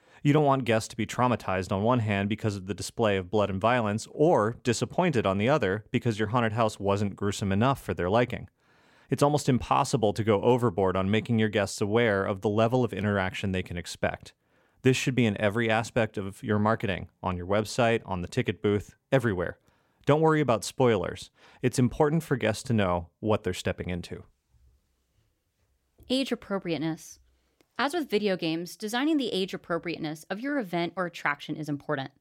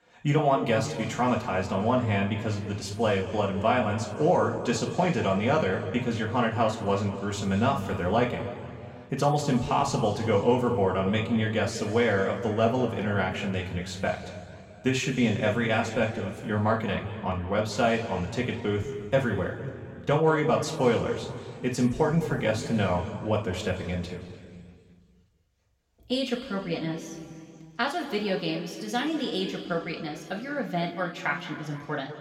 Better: first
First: none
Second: room echo; noticeable; dies away in 2.2 s // off-mic speech; far

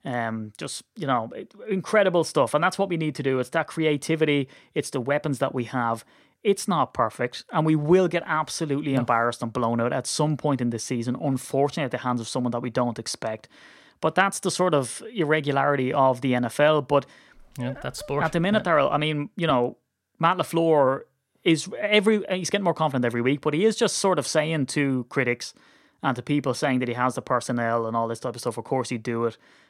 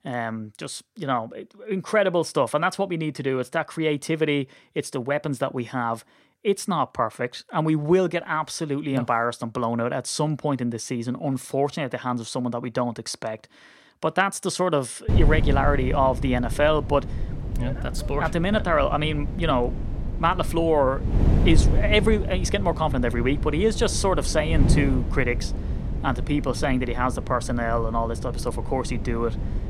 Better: first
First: none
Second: wind noise on the microphone; occasional gusts; from 15 s on; 15 dB below the speech

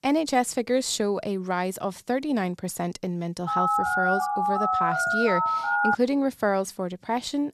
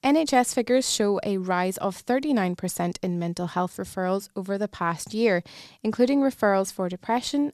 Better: second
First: phone ringing; loud; from 3.5 to 6 s; peak 4 dB above the speech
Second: none

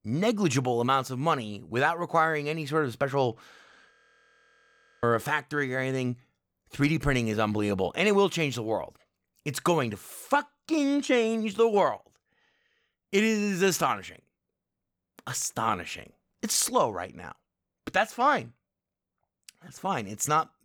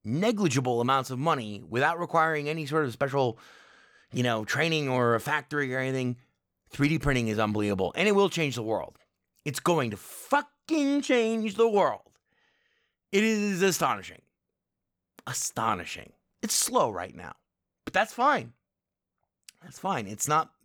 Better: second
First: audio freezing; at 4 s for 1 s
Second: none

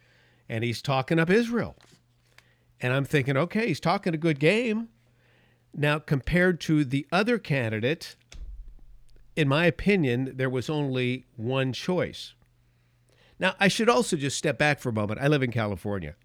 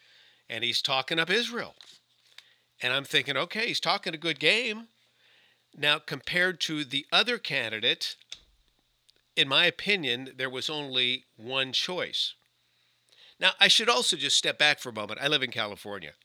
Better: first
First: none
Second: thin; somewhat; fading below 900 Hz

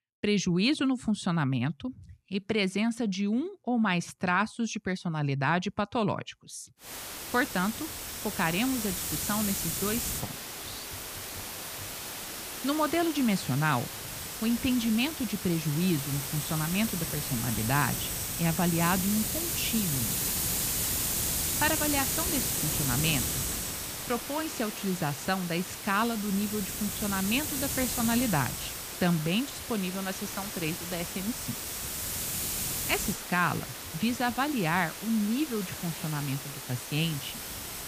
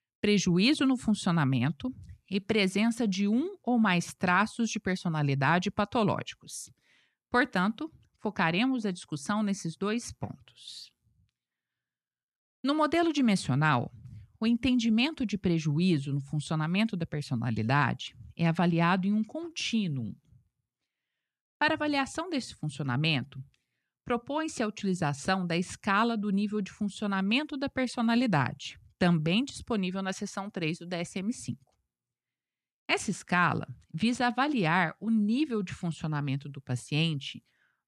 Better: second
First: hiss; loud; from 7 s on; 2 dB below the speech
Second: none

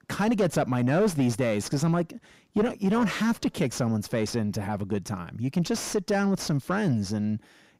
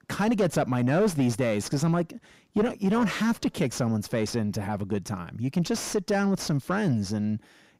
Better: neither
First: distortion; slight; 10 dB below the speech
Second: distortion; slight; 10 dB below the speech

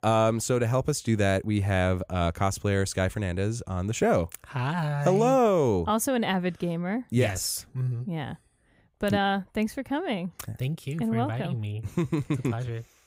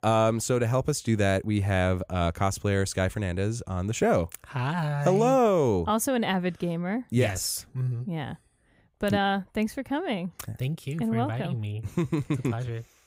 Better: neither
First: none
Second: none

